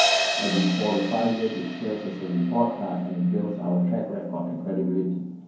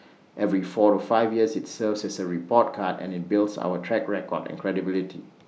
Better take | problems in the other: second | background sound (Crash cymbal); 5 dB below the speech // room echo; dies away in 0.9 s

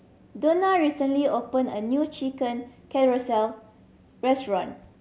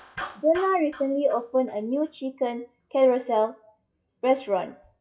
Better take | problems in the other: first | noise reduction (classical method WPE with log-MMSE)

